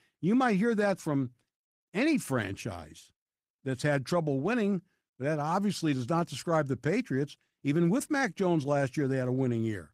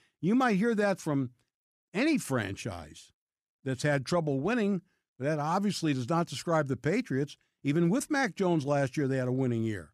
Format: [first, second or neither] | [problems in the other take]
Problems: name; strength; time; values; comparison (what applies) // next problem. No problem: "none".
second | garbled, watery; slightly; nothing above 15.5 kHz